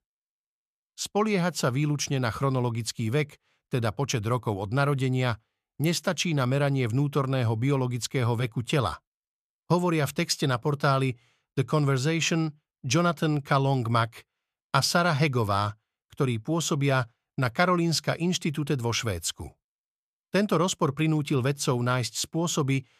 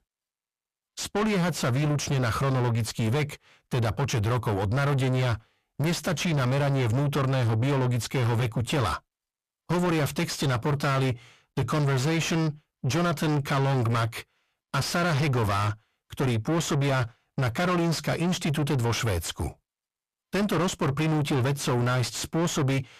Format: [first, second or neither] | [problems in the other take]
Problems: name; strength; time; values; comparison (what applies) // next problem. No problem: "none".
first | distortion; heavy; 6 dB below the speech